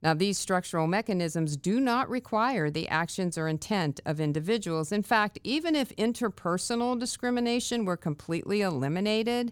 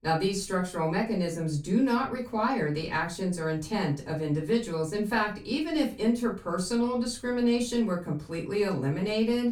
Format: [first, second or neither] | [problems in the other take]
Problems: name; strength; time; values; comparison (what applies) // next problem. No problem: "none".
first | off-mic speech; far // room echo; very slight; dies away in 0.2 s